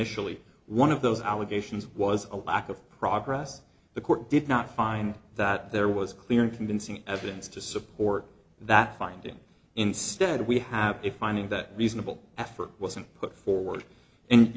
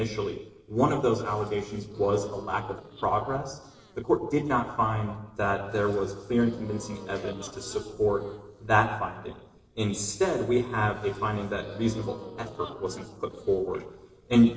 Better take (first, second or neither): first